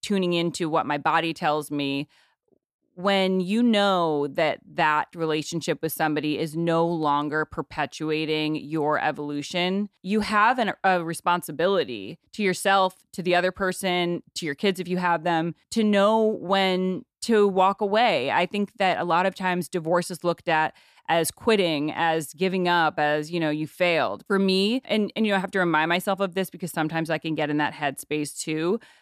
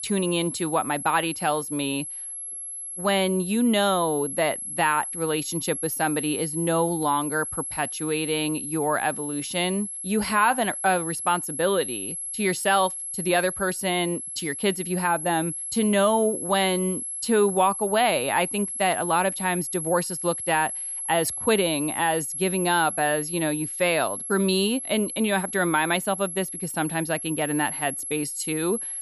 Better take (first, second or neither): first